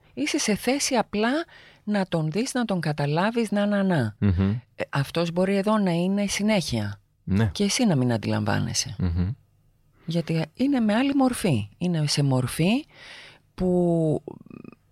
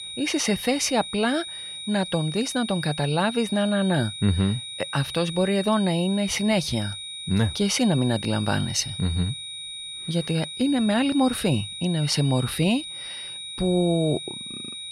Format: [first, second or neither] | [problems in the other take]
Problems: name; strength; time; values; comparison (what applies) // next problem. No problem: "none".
first | high-pitched whine; loud; throughout; 4 kHz, 9 dB below the speech